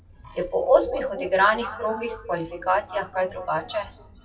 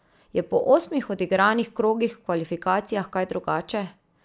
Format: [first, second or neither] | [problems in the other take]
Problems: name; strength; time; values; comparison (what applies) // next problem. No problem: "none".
second | noise reduction (classical method WPE with log-MMSE)